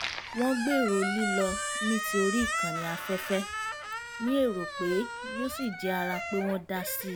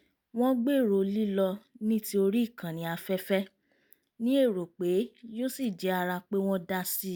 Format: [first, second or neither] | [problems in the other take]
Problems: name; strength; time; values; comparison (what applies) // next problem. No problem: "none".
second | background sound (Squeak); 4 dB below the speech